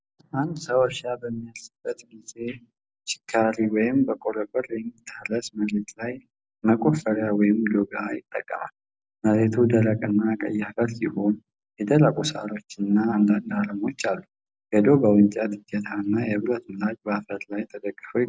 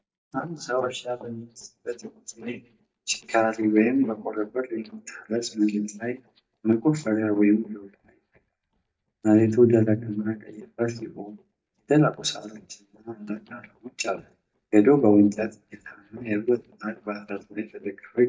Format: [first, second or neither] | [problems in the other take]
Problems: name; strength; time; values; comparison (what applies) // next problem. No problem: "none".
first | noise reduction (neural mask model DeepFilterNet 3)